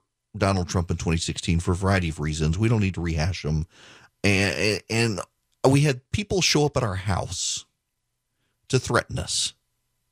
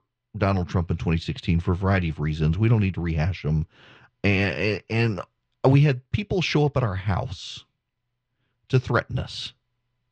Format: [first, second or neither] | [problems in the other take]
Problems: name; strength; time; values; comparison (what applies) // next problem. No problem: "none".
first | muffled; slightly; fading above 3.5 kHz